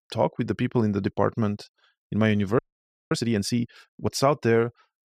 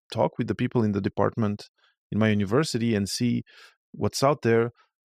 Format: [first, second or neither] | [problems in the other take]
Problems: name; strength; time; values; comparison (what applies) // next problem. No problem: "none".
second | audio freezing; at 2.5 s for 0.5 s